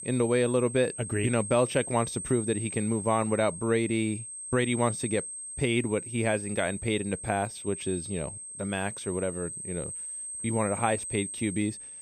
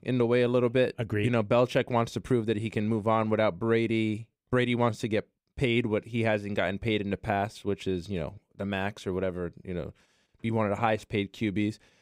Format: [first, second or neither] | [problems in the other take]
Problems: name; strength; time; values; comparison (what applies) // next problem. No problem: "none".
second | high-pitched whine; loud; throughout; 8.5 kHz, 7 dB below the speech